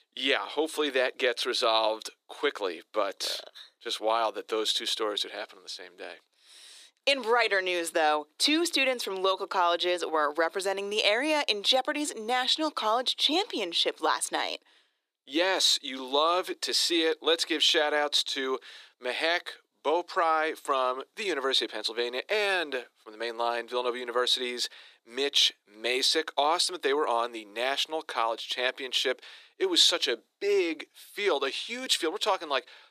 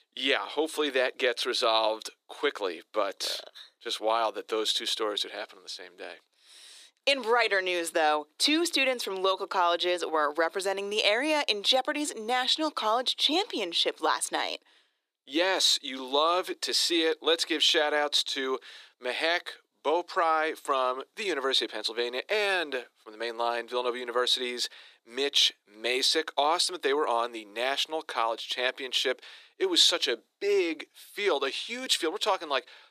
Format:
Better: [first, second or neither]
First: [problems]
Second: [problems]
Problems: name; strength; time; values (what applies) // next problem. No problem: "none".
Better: neither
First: thin; very; fading below 300 Hz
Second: thin; very; fading below 300 Hz